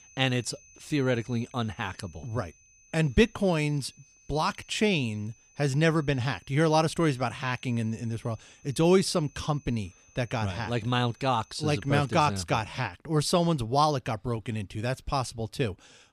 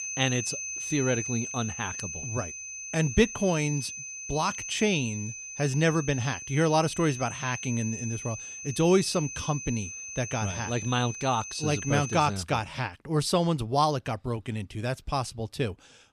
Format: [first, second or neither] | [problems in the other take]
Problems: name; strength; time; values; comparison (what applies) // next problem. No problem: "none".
first | high-pitched whine; loud; until 12 s; 6 kHz, 7 dB below the speech; faint in the first